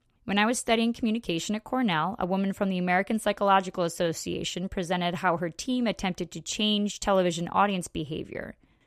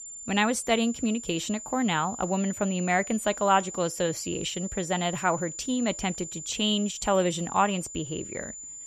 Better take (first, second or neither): first